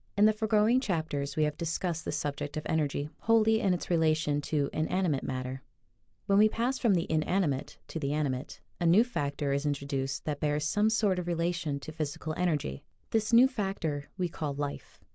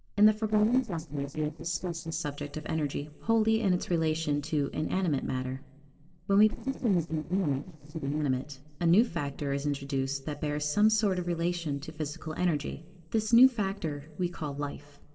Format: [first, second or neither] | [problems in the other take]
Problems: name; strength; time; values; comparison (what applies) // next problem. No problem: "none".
first | noise reduction (neural separator model SepFormer DNS4)